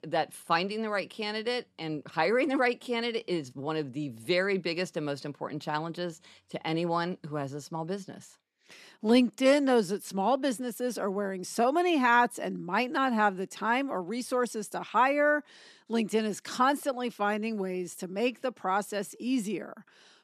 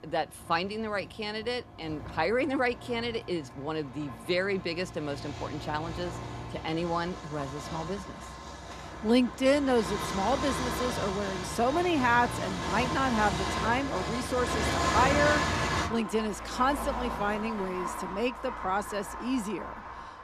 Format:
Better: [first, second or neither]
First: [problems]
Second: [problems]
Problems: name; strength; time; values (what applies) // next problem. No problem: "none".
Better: first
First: none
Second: traffic noise; loud; throughout; 4 dB below the speech